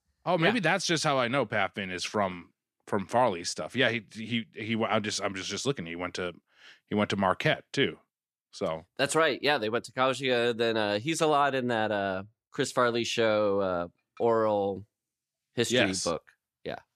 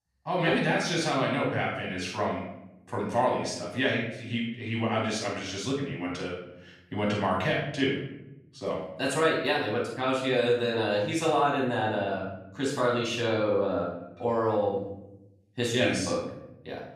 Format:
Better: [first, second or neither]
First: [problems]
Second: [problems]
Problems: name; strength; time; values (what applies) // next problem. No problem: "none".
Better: first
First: none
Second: off-mic speech; far // room echo; noticeable; dies away in 0.9 s